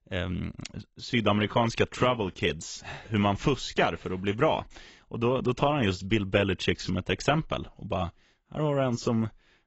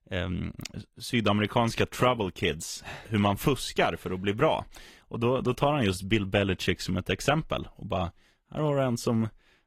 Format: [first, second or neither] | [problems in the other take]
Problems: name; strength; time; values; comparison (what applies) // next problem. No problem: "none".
second | garbled, watery; badly; nothing above 8 kHz; slightly in the second